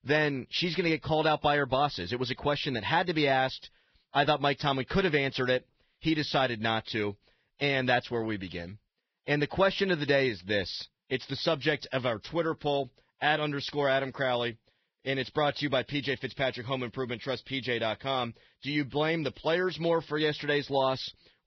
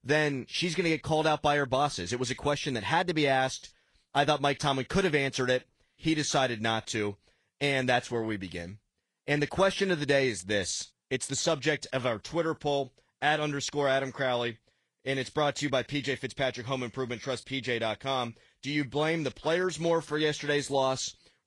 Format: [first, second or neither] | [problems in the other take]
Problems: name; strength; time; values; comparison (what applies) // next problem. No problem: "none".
second | garbled, watery; badly; nothing above 5.5 kHz; slightly in the second